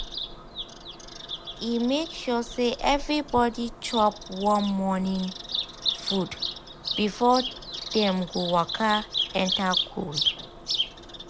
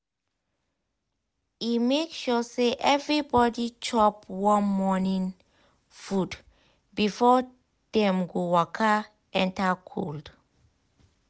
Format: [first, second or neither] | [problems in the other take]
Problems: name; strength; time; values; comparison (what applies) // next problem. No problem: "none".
second | background sound (Bird vocalization, bird call, bird song); 6 dB below the speech